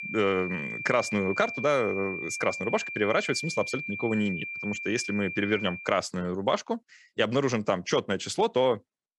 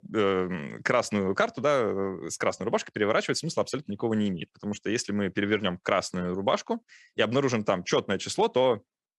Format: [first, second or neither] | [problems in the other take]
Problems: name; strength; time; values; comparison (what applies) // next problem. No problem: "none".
second | high-pitched whine; loud; until 6 s; 2.5 kHz, 6 dB below the speech